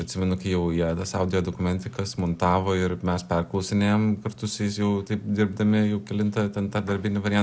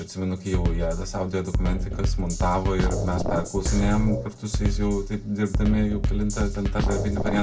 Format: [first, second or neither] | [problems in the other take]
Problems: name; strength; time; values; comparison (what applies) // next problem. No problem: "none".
first | background sound (Drum kit); as loud as the speech // room echo; dies away in 0.2 s